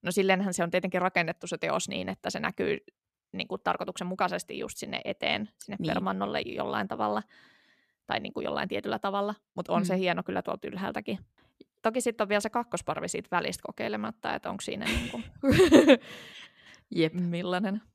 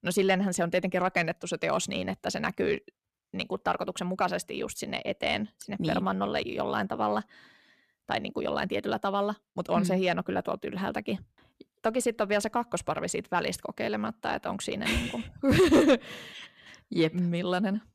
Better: first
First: none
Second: distortion; slight; 10 dB below the speech

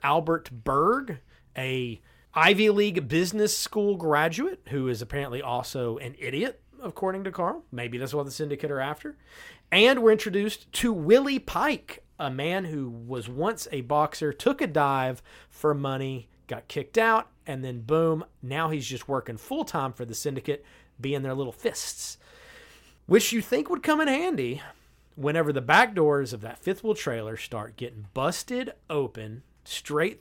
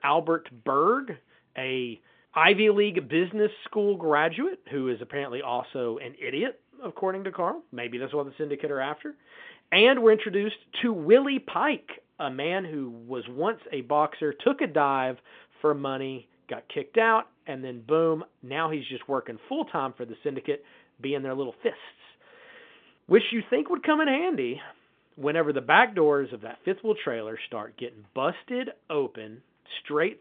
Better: first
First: none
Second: phone-call audio; nothing above 3.5 kHz

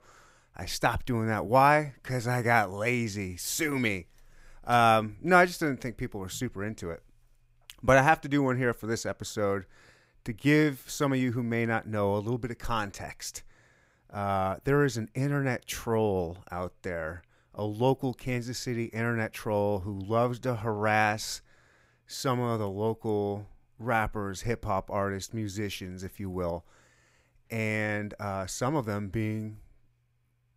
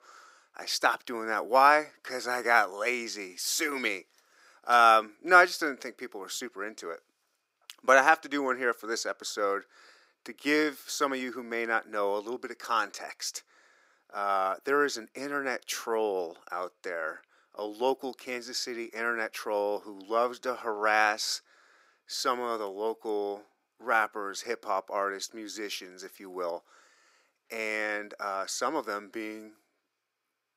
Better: first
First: none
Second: thin; somewhat; fading below 300 Hz

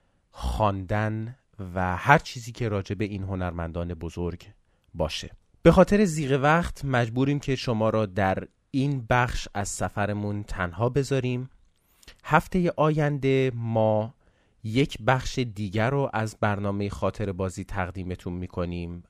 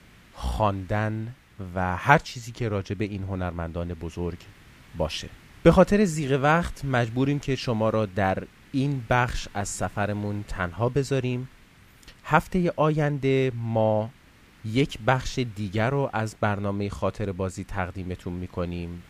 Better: first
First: none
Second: hiss; faint; throughout; 25 dB below the speech

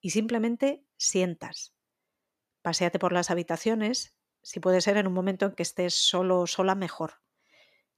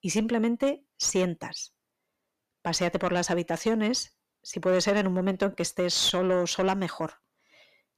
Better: first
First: none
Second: distortion; slight; 10 dB below the speech

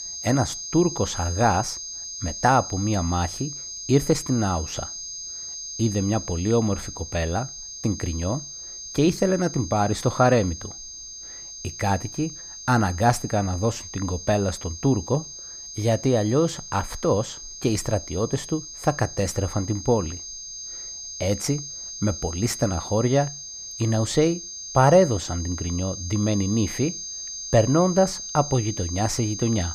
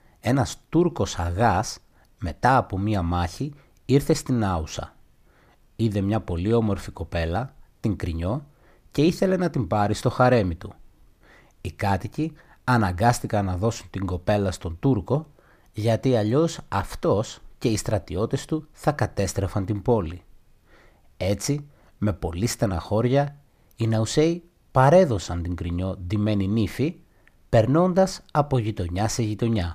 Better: second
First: high-pitched whine; loud; throughout; 6.5 kHz, 9 dB below the speech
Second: none

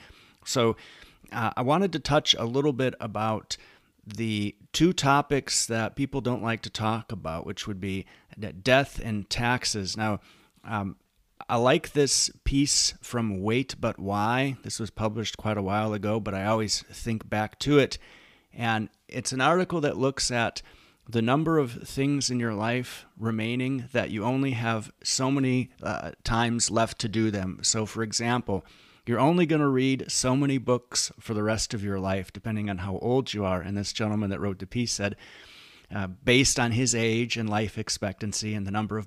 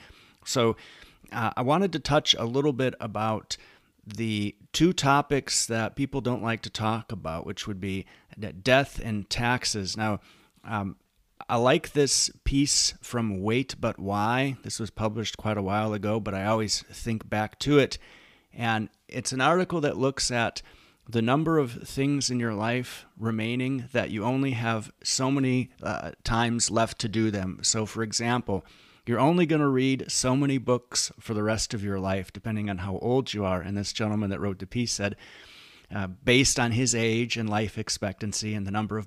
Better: neither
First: none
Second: none

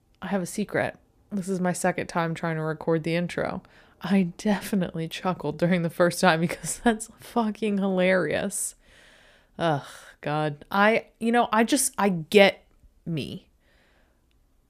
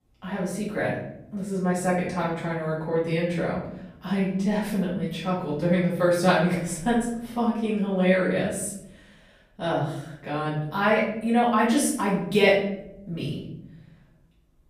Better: first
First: none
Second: off-mic speech; far // room echo; noticeable; dies away in 0.9 s

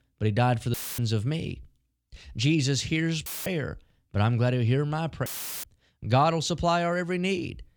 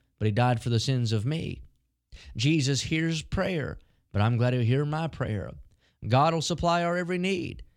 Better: second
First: audio cutting out; filled with static; at 0.5 s, at 3.5 s and at 5.5 s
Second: none

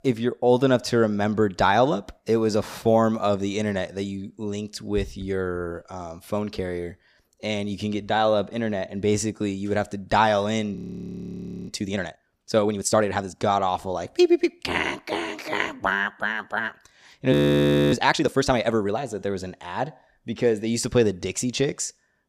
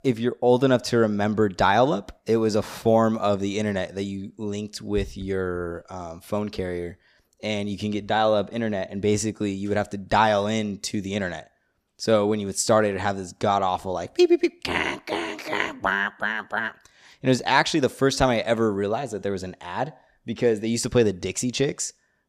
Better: second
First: audio freezing; at 11 s for 1 s and at 17 s for 0.5 s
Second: none

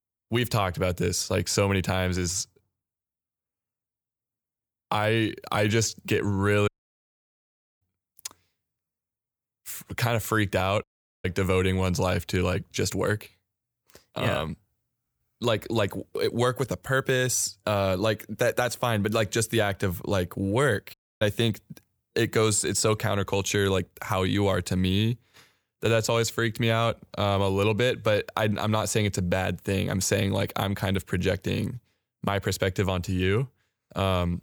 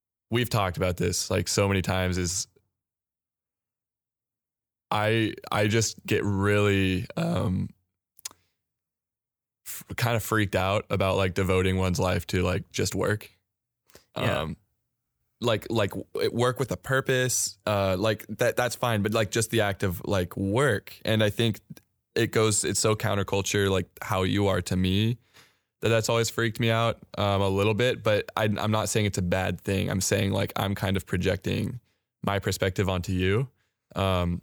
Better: second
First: audio cutting out; at 6.5 s for 1 s, at 11 s and at 21 s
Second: none

